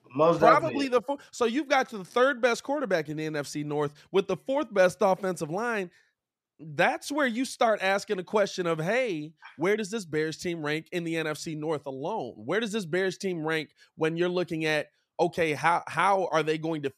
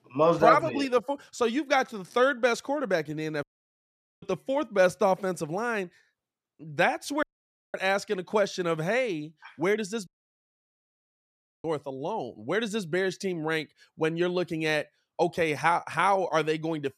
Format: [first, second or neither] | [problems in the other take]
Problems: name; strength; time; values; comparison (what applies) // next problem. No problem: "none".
first | audio cutting out; at 3.5 s for 1 s, at 7 s for 0.5 s and at 10 s for 1.5 s